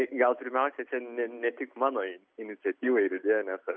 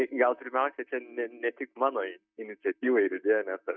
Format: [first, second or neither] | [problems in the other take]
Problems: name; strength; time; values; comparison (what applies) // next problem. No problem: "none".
first | noise reduction (neural mask model DeepFilterNet 3)